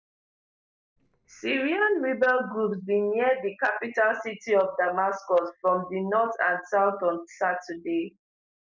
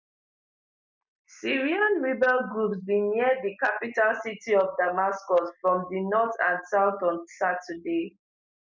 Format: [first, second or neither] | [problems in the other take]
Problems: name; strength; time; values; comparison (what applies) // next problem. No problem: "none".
second | noise reduction (neural separator model SepFormer DNS4)